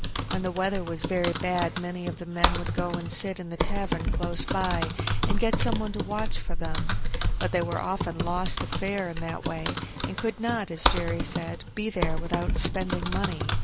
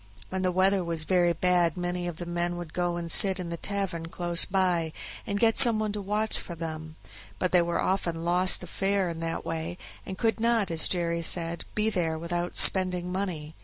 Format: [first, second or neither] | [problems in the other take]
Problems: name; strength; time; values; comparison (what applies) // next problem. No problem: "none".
second | background sound (Typing); 3 dB above the speech